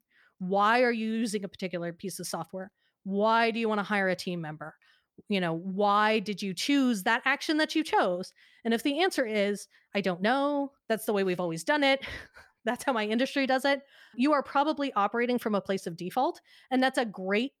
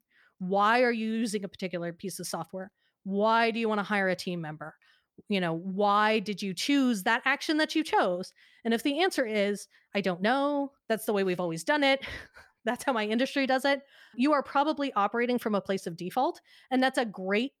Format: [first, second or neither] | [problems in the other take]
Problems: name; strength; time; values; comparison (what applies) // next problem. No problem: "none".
neither | none